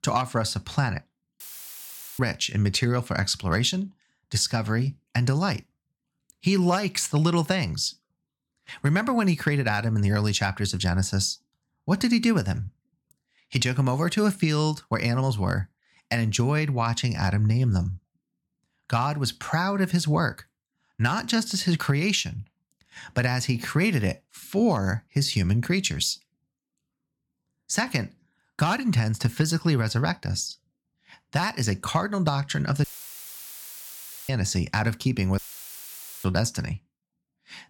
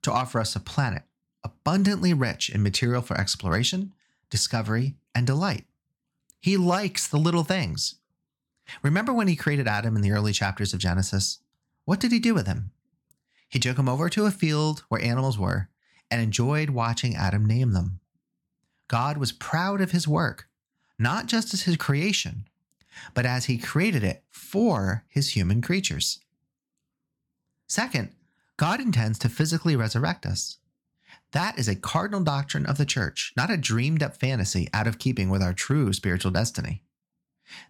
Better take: second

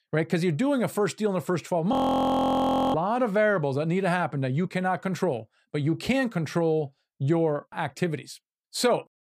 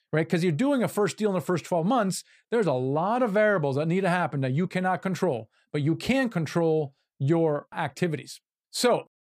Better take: second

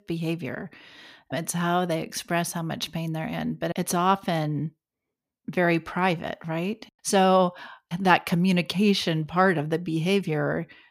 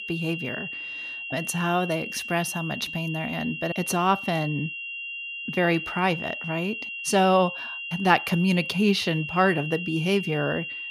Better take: first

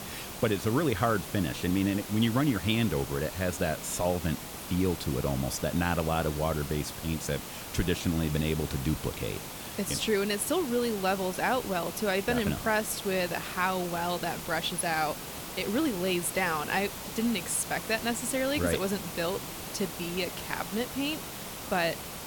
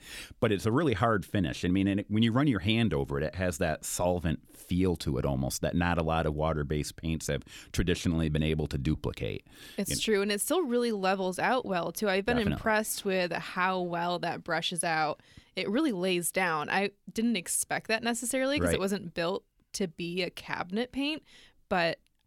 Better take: second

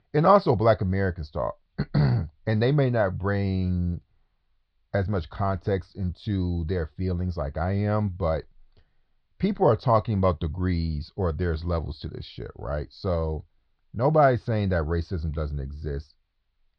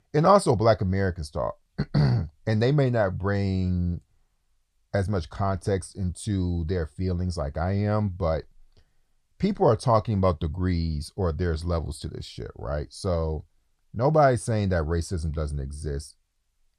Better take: second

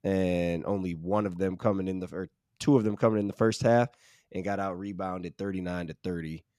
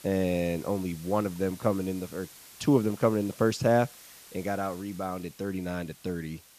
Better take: first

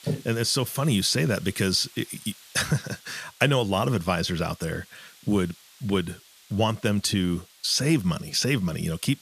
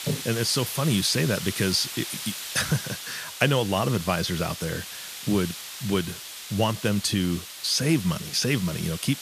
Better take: first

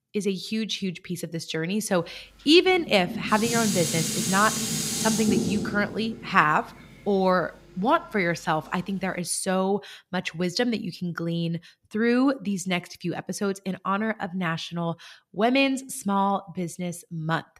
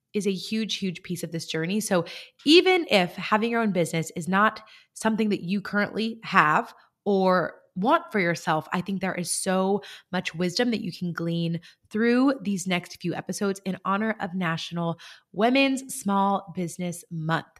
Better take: second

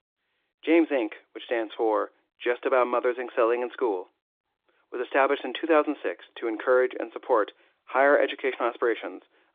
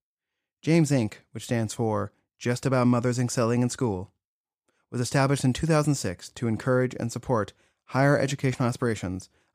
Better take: second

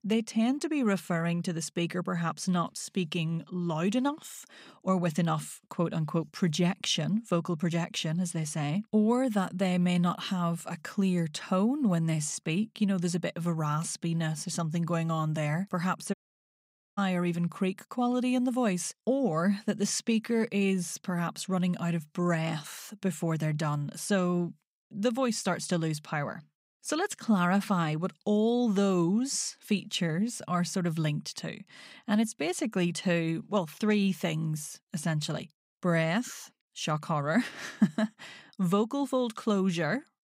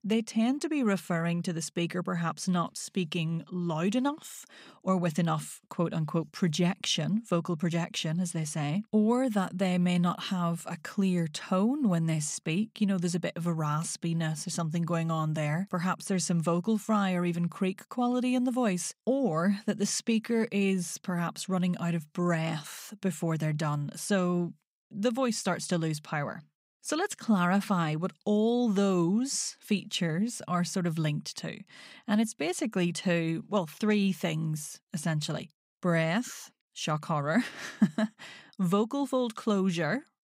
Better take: second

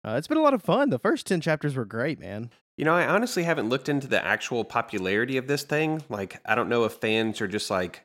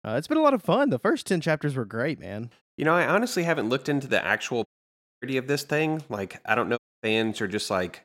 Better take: first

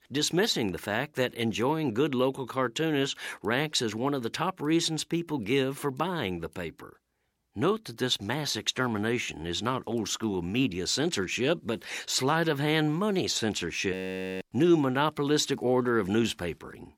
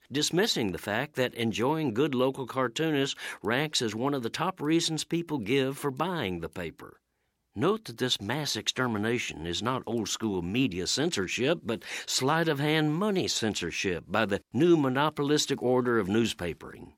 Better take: second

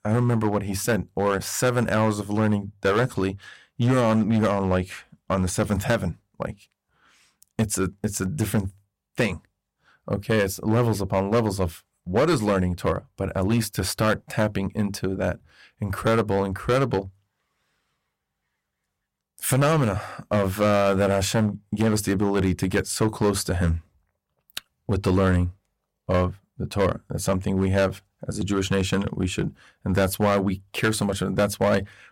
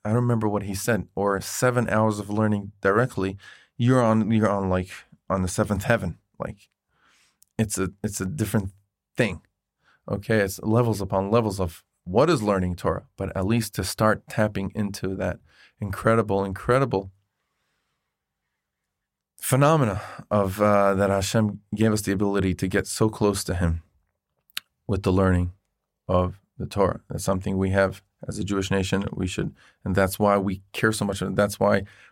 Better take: second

